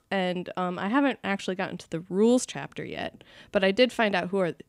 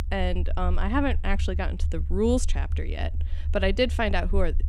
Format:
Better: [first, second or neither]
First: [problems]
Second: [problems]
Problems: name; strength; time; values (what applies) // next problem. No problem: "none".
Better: first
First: none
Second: low rumble; noticeable; throughout; 20 dB below the speech